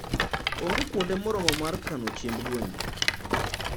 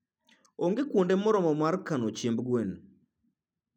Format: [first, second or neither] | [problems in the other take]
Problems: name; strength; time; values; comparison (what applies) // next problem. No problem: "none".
second | background sound (Rattle); 2 dB above the speech